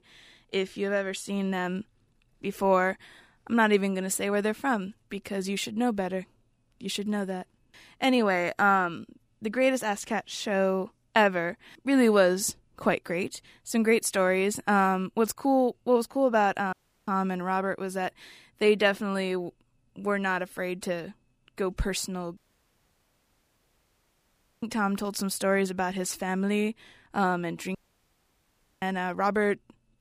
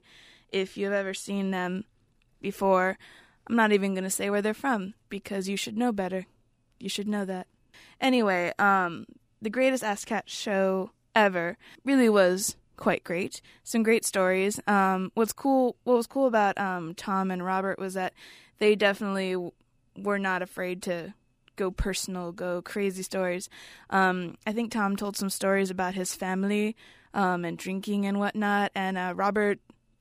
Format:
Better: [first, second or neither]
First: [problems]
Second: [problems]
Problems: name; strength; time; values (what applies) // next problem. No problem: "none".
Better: second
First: audio cutting out; at 17 s, at 22 s for 2.5 s and at 28 s for 1 s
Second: none